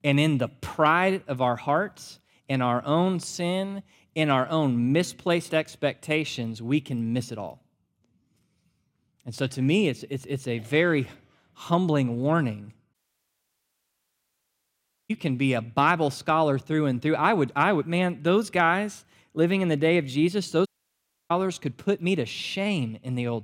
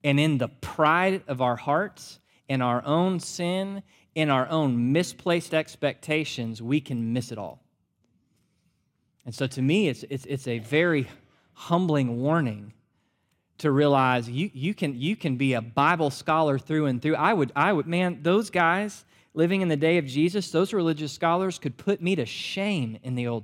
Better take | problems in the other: second | audio cutting out; at 13 s for 2 s and at 21 s for 0.5 s

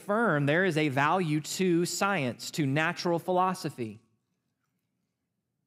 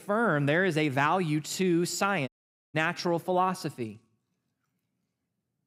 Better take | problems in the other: first | audio cutting out; at 2.5 s

